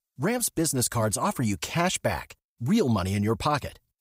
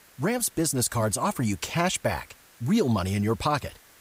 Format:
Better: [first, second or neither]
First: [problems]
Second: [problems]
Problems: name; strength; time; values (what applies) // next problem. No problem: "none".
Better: first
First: none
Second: hiss; faint; throughout; 25 dB below the speech